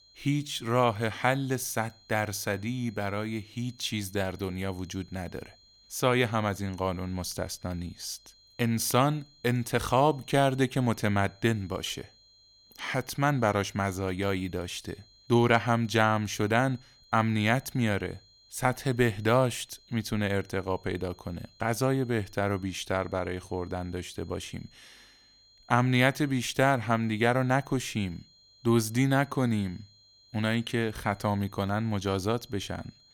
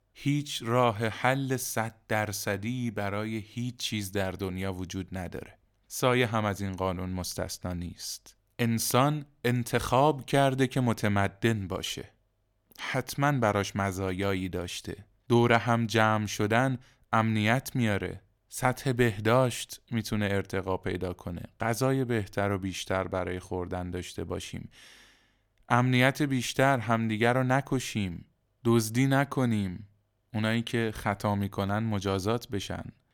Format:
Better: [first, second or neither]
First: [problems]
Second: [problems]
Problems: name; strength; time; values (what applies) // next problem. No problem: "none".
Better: second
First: high-pitched whine; faint; throughout; 4 kHz, 30 dB below the speech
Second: none